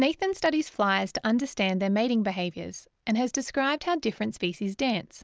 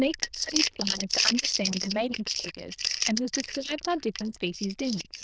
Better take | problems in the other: first | noise reduction (neural diffusion model UNIVERSE++)

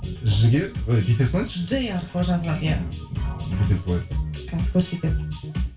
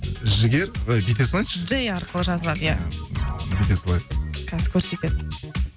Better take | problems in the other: second | room echo; dies away in 0.3 s

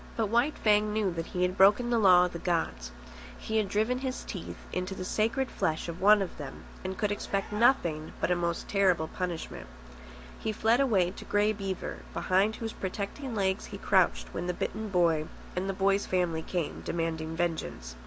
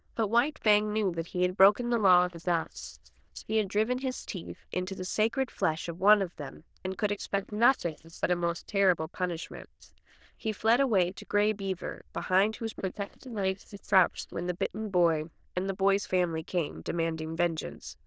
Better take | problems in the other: first | noise reduction (neural diffusion model UNIVERSE++)

